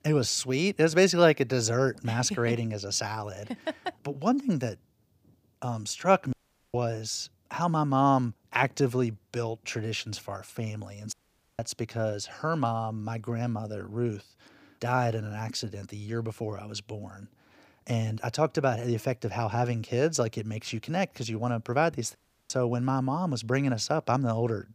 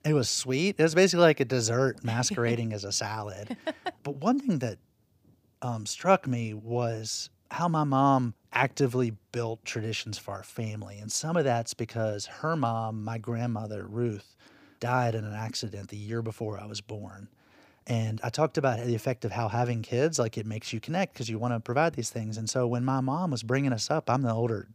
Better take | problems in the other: second | audio cutting out; at 6.5 s, at 11 s and at 22 s

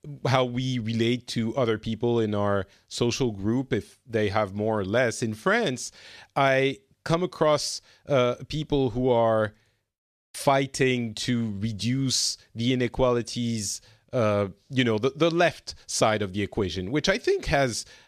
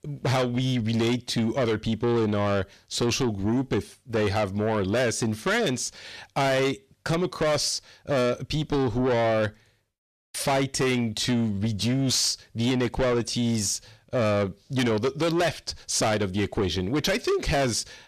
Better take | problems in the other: first | distortion; heavy; 7 dB below the speech

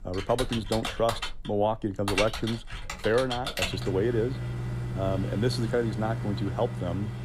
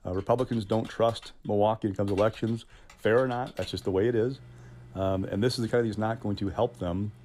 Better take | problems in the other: second | household noises; loud; throughout; 4 dB below the speech; faint in the second

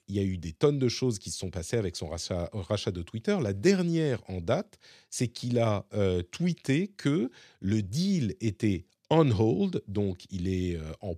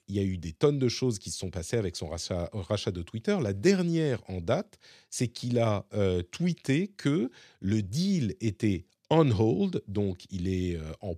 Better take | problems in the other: neither | none

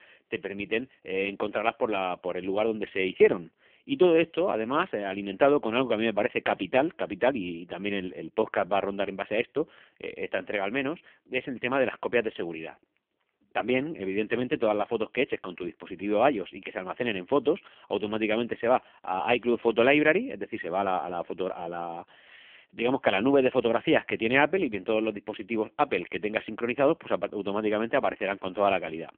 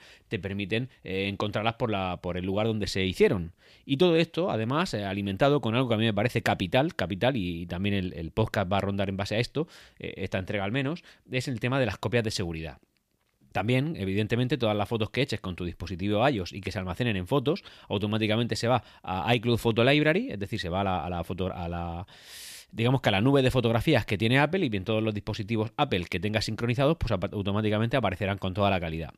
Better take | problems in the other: second | phone-call audio; poor line; nothing above 3.5 kHz

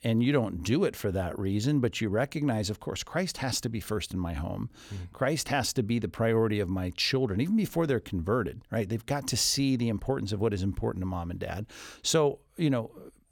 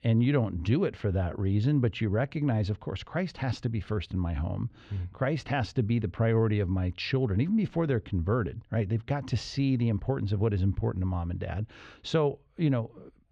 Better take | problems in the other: first | muffled; slightly; fading above 3.5 kHz

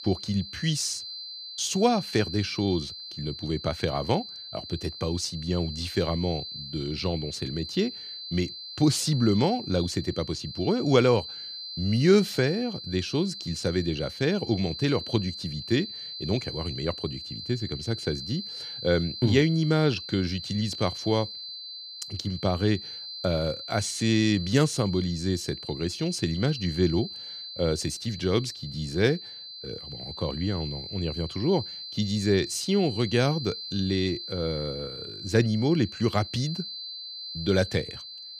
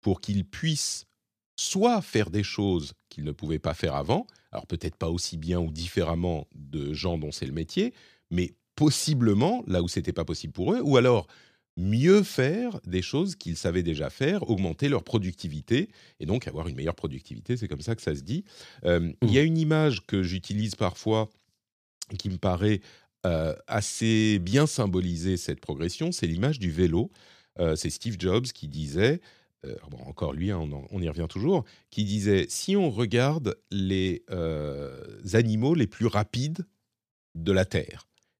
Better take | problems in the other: second | high-pitched whine; loud; throughout; 4 kHz, 9 dB below the speech

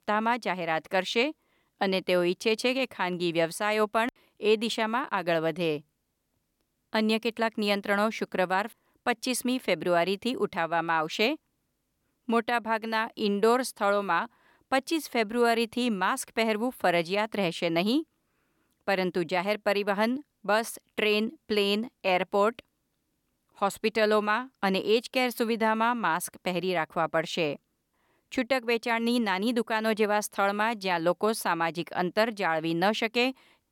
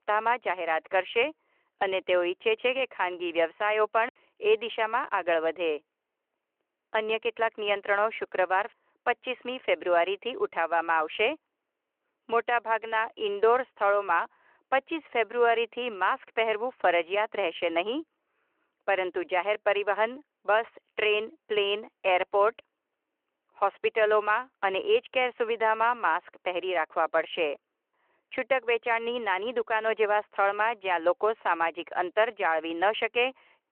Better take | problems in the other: first | phone-call audio

